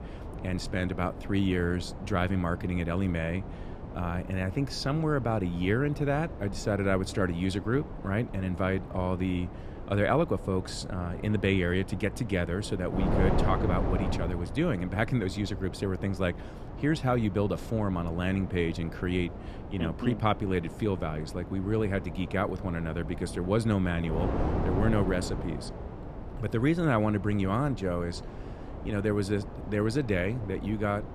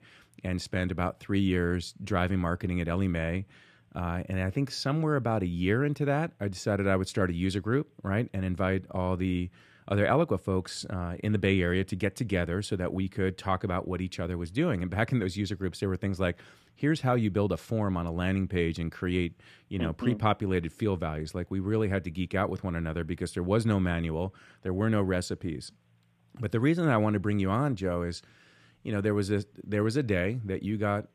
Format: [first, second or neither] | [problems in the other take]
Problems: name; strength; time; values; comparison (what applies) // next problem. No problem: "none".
second | wind noise on the microphone; heavy; 10 dB below the speech